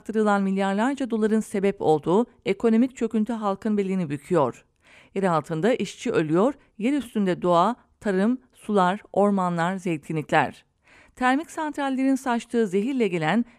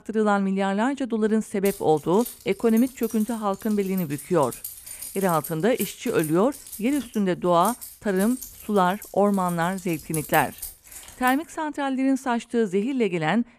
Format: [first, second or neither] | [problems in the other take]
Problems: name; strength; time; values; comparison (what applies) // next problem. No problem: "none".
first | jangling keys; noticeable; from 1.5 to 11 s; peak 7 dB below the speech